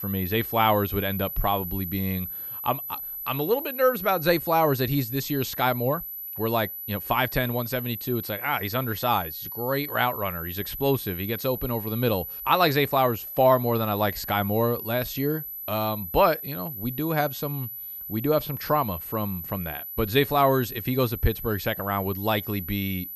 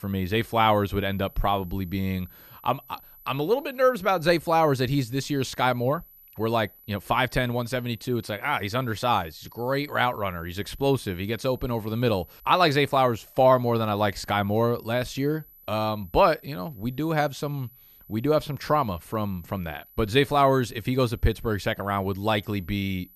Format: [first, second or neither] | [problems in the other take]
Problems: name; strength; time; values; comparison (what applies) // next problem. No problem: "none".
second | high-pitched whine; loud; throughout; 12 kHz, 7 dB below the speech; faint in the second